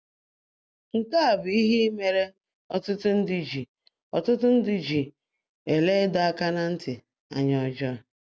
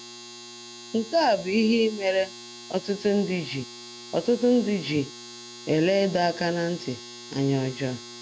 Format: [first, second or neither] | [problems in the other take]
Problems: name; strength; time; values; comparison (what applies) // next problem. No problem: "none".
first | background sound (Domestic sounds, home sounds); 16 dB below the speech